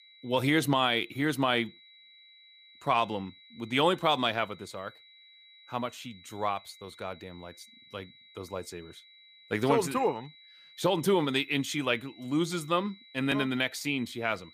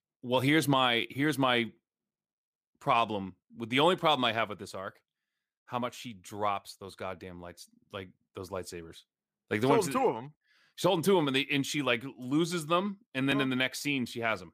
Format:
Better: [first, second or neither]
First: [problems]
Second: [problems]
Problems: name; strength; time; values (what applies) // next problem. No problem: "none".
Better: second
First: high-pitched whine; faint; throughout; 4 kHz, 25 dB below the speech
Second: none